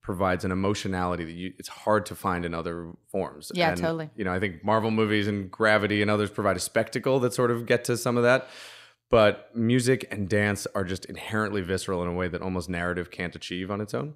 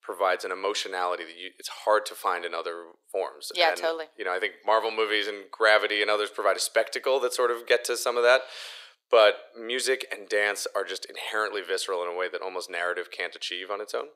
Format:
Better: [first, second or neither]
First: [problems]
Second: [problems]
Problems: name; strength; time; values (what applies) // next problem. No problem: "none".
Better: first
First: none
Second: thin; very; fading below 400 Hz